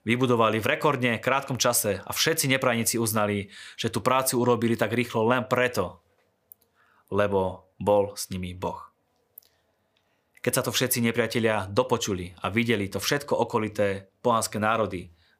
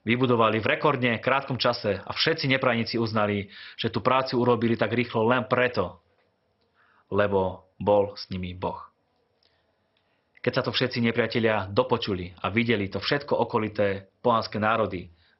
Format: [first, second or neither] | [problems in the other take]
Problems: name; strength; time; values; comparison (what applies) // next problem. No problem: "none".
first | garbled, watery; badly; nothing above 5.5 kHz